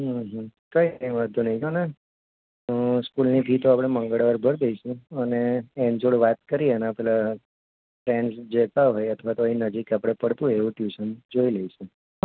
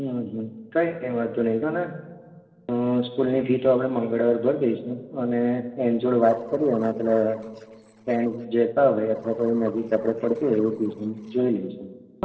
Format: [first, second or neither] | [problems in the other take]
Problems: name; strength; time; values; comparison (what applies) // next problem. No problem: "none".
first | noise reduction (neural separator model SepFormer DNS4)